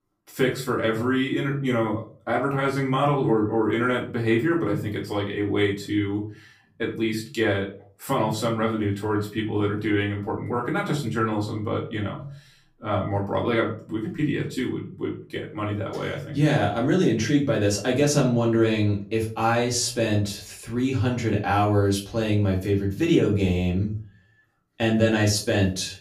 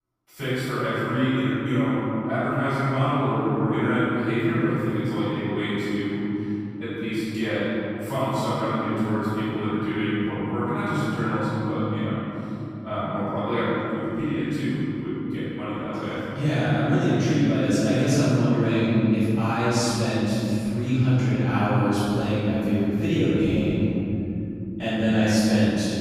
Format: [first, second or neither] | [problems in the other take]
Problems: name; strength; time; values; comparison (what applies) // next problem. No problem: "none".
first | room echo; strong; dies away in 3 s; slight in the first // off-mic speech; far; far in the first